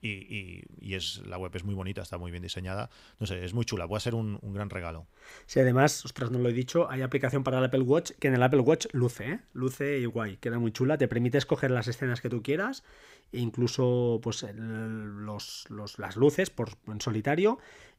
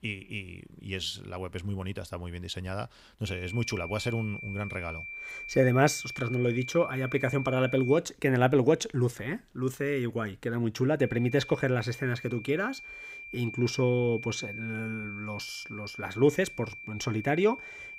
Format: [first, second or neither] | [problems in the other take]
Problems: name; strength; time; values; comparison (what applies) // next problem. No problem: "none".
first | high-pitched whine; noticeable; from 3.5 to 8 s and from 11 s on; 2.5 kHz, 10 dB below the speech